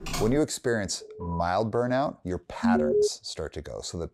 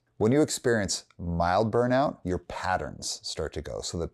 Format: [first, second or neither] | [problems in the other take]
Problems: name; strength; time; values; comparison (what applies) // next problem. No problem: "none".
second | keyboard typing; noticeable; at the start; peak 4 dB below the speech // alarm; noticeable; at 1 s; peak 10 dB below the speech // alarm; loud; at 2.5 s; peak 6 dB above the speech